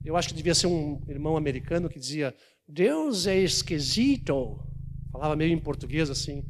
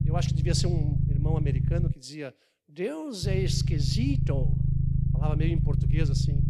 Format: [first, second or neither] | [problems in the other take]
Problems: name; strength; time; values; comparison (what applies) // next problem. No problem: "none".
first | low rumble; loud; until 2 s and from 3 s on; 3 dB below the speech; faint in the first